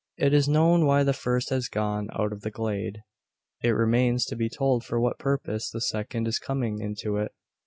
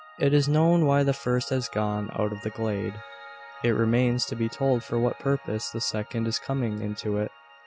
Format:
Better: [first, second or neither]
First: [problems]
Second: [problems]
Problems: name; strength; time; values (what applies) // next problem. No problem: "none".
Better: first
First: none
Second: background sound (Piano); 20 dB below the speech